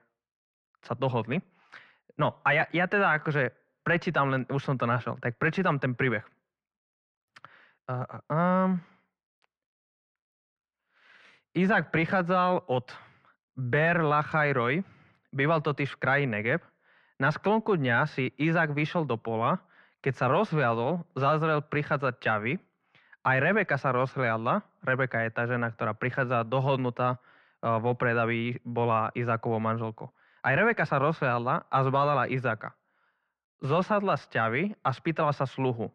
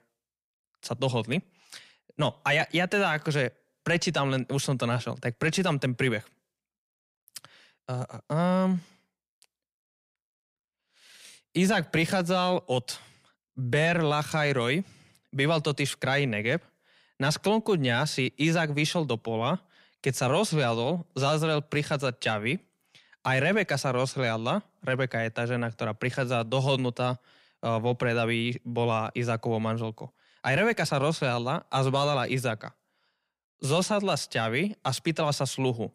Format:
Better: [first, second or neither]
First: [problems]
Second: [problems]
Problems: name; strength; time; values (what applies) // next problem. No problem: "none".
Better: second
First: muffled; very; fading above 2 kHz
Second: none